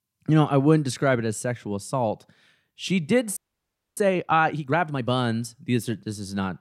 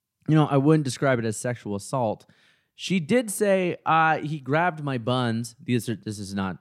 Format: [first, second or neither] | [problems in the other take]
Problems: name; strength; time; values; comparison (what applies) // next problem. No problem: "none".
second | audio freezing; at 3.5 s for 0.5 s